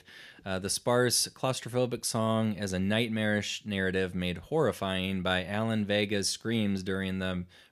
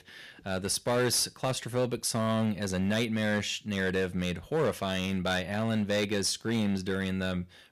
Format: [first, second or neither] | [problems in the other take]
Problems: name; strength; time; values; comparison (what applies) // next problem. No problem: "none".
first | distortion; slight; 6% of the sound clipped